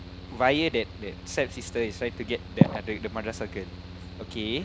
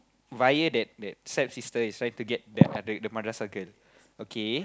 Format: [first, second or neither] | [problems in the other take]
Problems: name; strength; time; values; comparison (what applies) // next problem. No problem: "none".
second | background sound (Mechanical fan); 12 dB below the speech